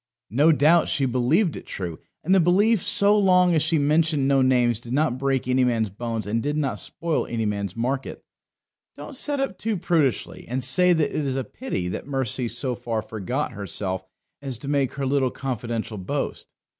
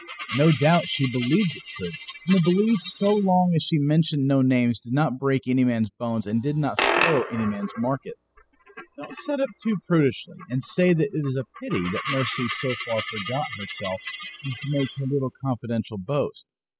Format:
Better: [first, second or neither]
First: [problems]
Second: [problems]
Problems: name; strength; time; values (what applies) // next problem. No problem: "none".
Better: first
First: none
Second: noise reduction (classical method spectral subtraction)